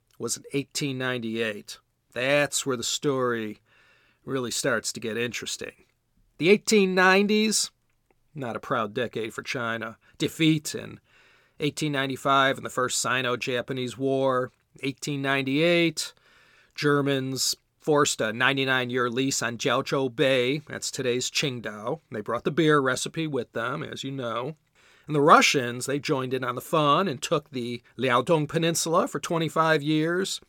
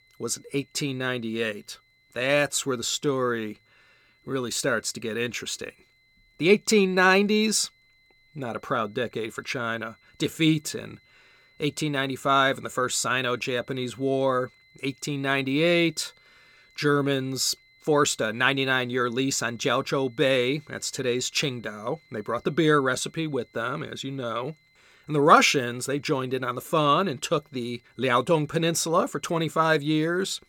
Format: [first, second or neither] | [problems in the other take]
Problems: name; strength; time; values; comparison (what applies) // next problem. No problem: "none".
first | high-pitched whine; faint; throughout; 2 kHz, 35 dB below the speech